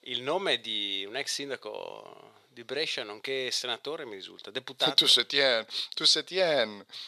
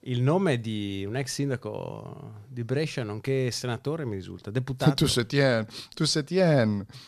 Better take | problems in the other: second | thin; very; fading below 500 Hz

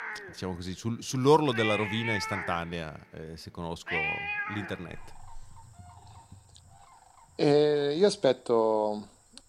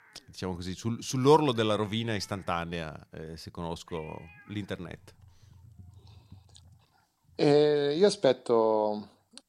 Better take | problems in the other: second | animal sounds; loud; throughout; 5 dB below the speech; faint in the second

